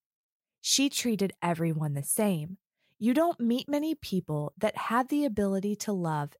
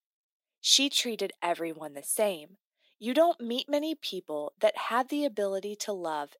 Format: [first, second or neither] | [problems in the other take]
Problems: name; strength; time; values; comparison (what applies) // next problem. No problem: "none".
first | thin; somewhat; fading below 250 Hz